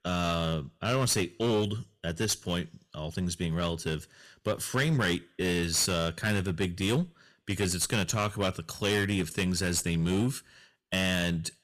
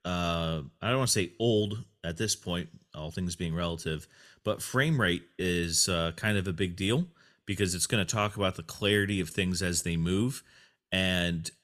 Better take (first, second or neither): second